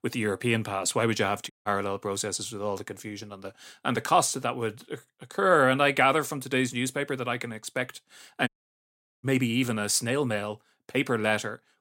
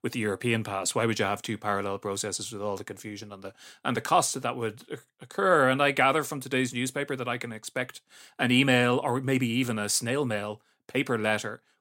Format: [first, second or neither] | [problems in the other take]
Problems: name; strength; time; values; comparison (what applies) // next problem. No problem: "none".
second | audio cutting out; at 1.5 s and at 8.5 s for 1 s